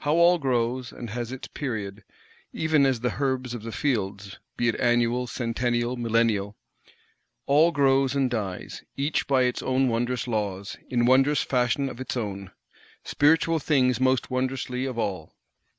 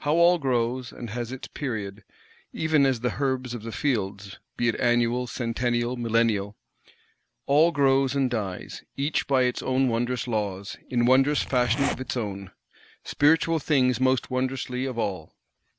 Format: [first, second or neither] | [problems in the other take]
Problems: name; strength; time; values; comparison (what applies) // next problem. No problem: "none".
first | background sound (Zipper (clothing)); 8 dB below the speech